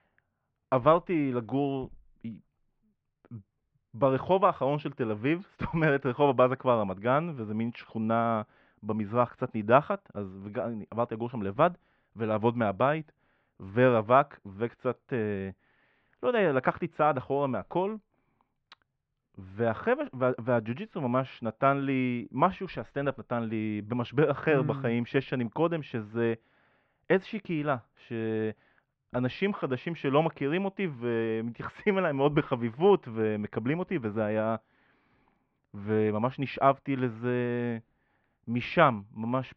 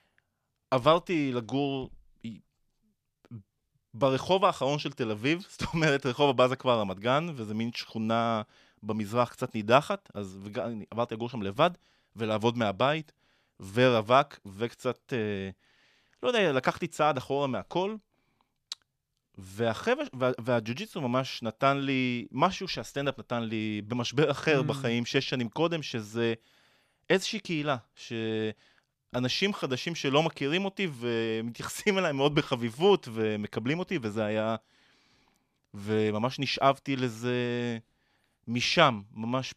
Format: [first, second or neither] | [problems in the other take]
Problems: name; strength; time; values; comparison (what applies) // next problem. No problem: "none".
second | muffled; very; fading above 2 kHz